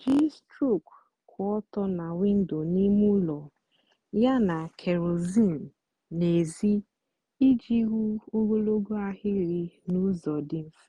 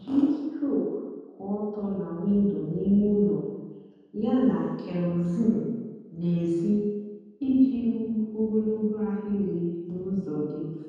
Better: first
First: none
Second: room echo; dies away in 1.2 s

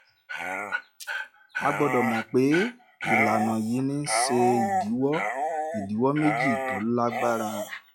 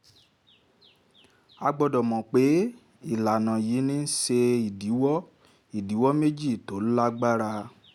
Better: second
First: noise reduction (classical method log-MMSE)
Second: none

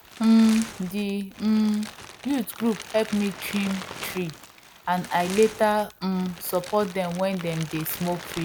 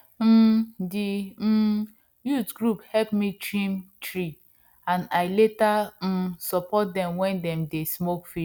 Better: second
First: background sound (Crumpling, crinkling); 15 dB below the speech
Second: none

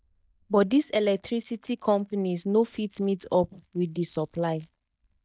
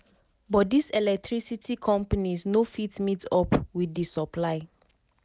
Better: second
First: noise reduction (neural mask model DeepFilterNet 3)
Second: none

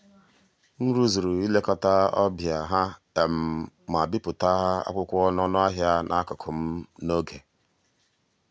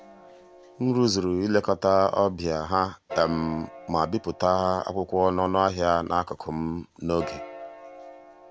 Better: first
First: none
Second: background sound (Piano); 18 dB below the speech

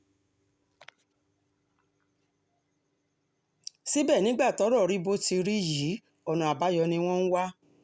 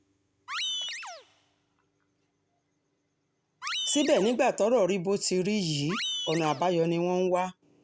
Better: first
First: none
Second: background sound (Animal); 8 dB below the speech

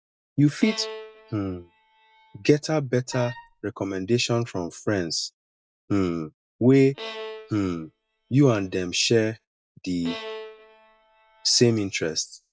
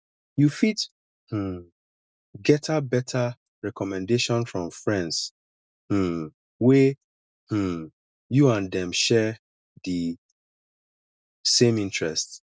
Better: second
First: noise reduction (classical method log-MMSE)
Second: none

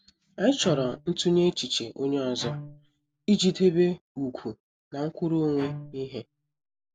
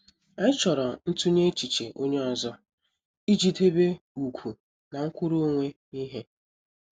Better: second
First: background sound (Bowed string instrument); 14 dB below the speech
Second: none

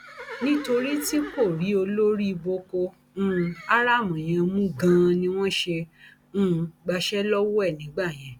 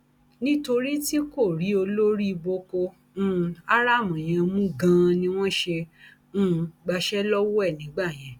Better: second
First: background sound (Livestock, farm animals, working animals); 19 dB below the speech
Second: none

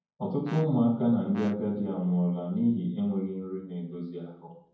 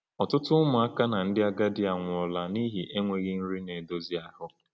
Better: second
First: background sound (Brass instrument); 19 dB below the speech // room echo; dies away in 0.9 s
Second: none

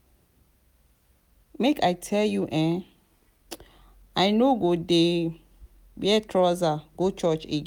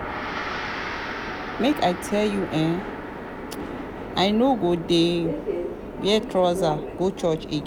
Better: first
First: none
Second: background sound (Gong + Subway, metro, underground); 7 dB below the speech

